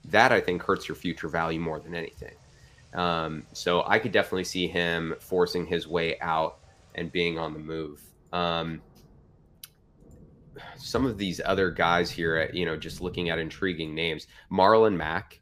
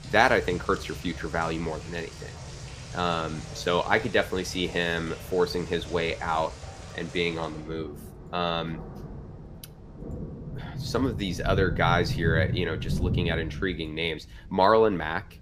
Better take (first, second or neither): first